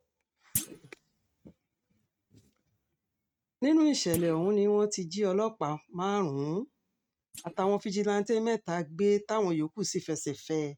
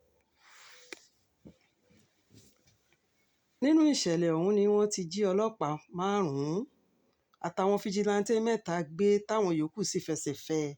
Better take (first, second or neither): second